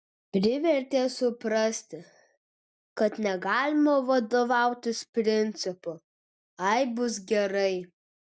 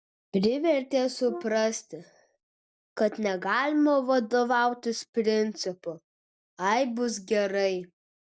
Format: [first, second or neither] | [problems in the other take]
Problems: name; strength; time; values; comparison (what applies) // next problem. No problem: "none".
first | noise reduction (neural separator model SepFormer DNS4)